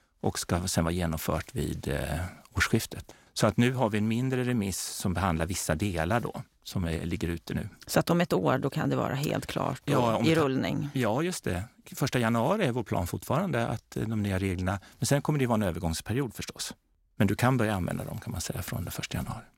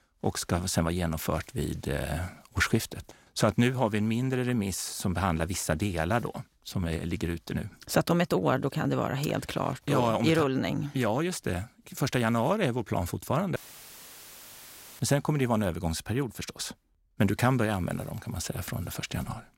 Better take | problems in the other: first | audio cutting out; filled with static; at 14 s for 1.5 s

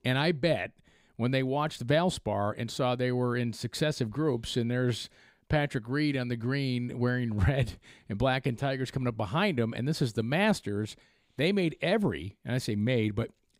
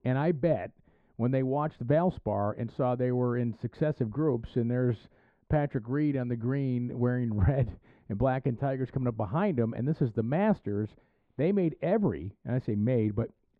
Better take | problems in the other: first | muffled; very; fading above 3 kHz

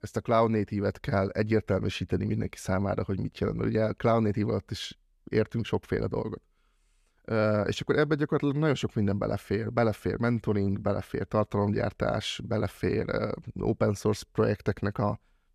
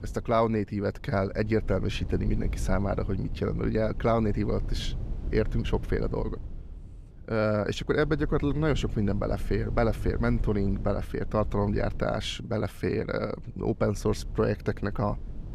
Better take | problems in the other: first | low rumble; faint; throughout; 20 dB below the speech

